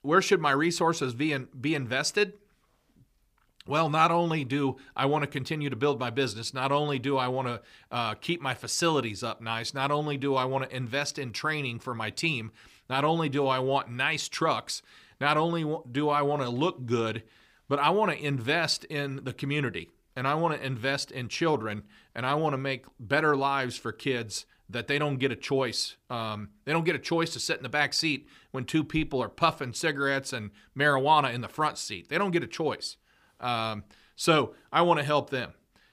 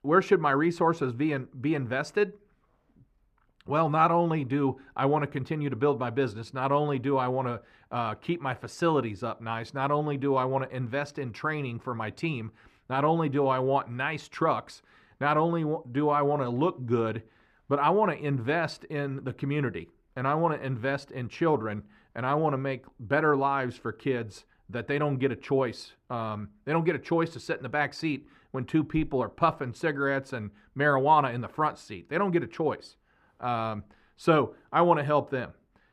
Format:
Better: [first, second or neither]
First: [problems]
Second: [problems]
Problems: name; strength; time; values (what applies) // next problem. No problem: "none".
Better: first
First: none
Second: muffled; slightly; fading above 2.5 kHz